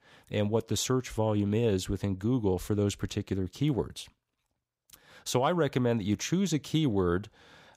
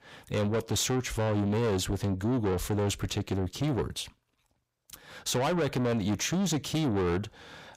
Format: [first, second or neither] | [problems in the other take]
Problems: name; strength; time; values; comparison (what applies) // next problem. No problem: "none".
first | distortion; heavy; 8 dB below the speech